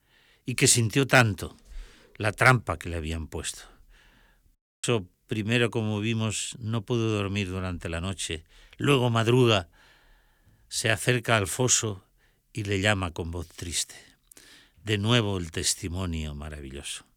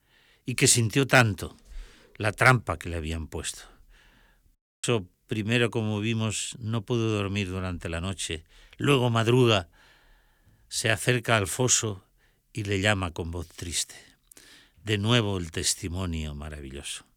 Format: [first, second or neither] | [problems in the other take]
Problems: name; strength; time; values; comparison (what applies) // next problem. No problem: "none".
neither | audio cutting out; at 4.5 s; the same in both